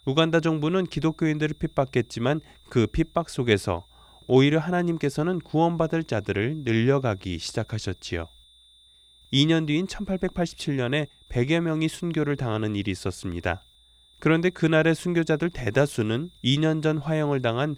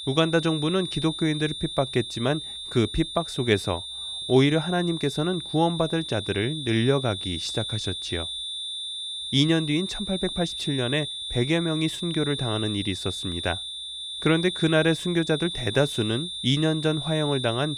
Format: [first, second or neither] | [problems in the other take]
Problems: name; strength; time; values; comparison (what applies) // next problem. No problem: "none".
first | high-pitched whine; loud; throughout; 3.5 kHz, 6 dB below the speech; faint in the first